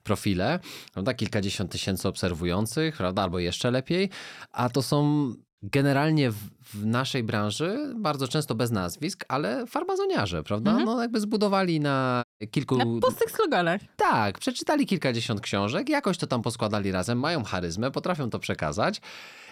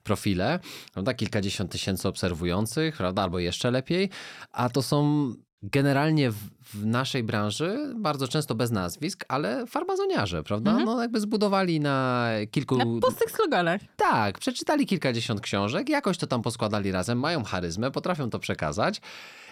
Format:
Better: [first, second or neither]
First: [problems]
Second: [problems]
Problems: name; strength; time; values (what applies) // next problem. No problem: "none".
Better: second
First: audio cutting out; at 12 s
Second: none